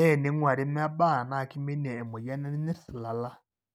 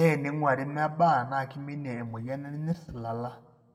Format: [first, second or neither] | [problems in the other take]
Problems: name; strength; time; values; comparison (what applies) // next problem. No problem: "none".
first | room echo; dies away in 0.7 s